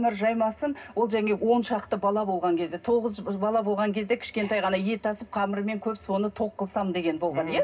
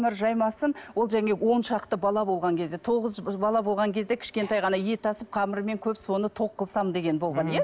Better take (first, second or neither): second